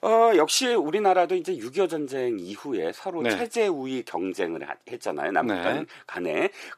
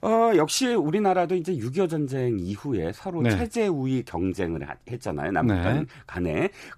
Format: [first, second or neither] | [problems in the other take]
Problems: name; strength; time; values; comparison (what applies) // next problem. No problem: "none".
second | thin; somewhat; fading below 450 Hz